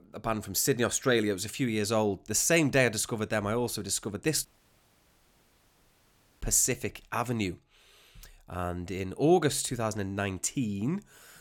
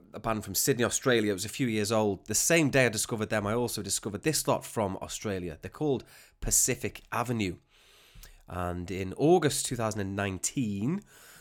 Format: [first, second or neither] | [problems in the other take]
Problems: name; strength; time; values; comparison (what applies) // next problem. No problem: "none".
second | audio cutting out; at 4.5 s for 2 s